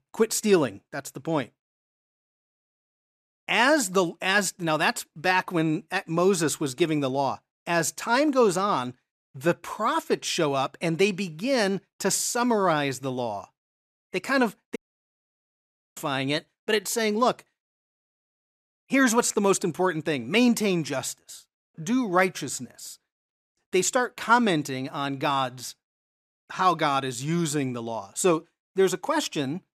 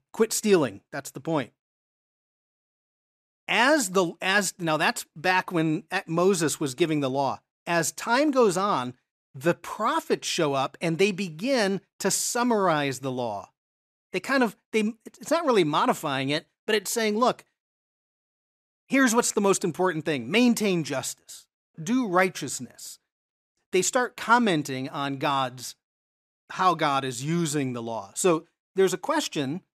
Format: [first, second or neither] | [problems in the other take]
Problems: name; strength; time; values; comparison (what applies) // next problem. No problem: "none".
second | audio cutting out; at 15 s for 1 s